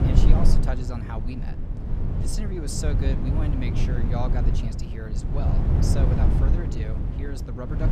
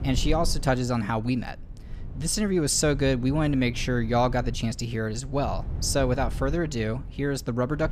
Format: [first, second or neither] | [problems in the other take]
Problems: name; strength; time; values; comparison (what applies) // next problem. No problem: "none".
second | low rumble; loud; throughout; as loud as the speech; faint in the second